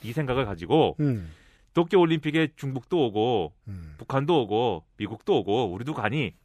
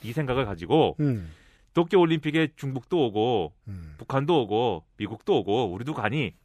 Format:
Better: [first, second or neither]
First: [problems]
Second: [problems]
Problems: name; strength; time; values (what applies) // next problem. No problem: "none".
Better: neither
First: none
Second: none